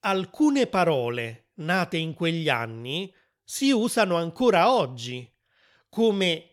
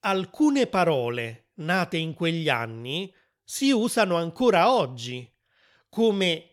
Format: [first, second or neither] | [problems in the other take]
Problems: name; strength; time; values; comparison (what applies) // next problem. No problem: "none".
neither | none